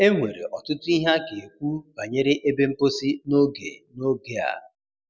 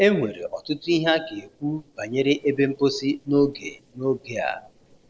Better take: first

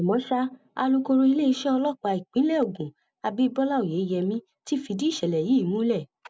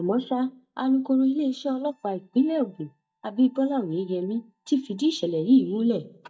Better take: first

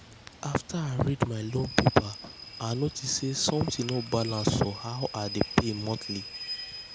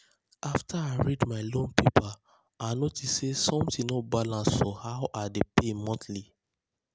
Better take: second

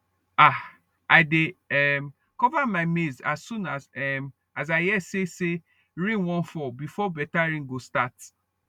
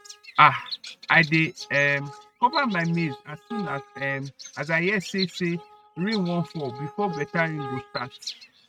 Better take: first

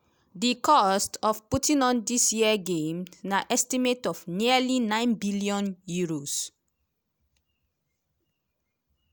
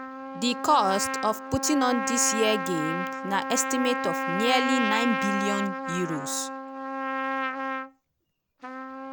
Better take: first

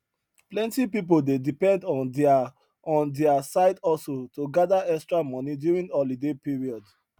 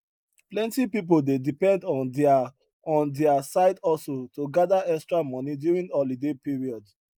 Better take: first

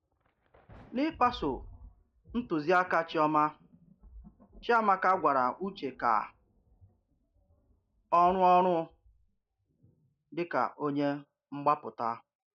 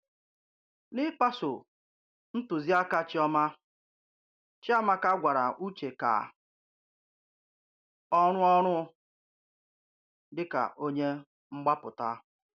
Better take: second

